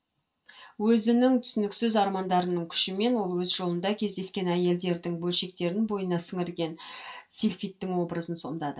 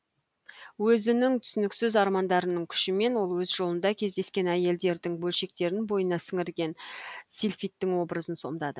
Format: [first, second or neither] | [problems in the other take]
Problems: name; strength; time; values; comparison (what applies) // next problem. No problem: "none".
second | room echo; dies away in 0.2 s